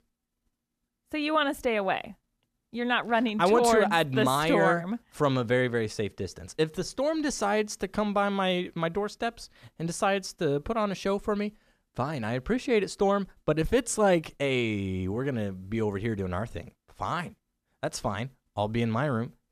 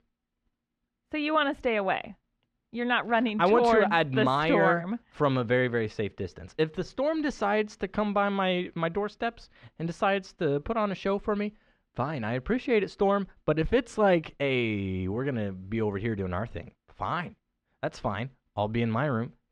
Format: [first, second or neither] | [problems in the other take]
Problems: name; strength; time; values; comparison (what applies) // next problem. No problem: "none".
first | muffled; slightly; fading above 3 kHz